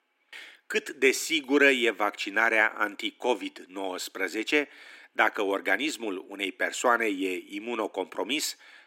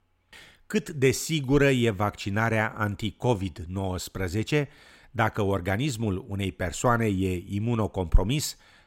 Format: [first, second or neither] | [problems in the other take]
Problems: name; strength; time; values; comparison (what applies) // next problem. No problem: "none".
second | thin; somewhat; fading below 300 Hz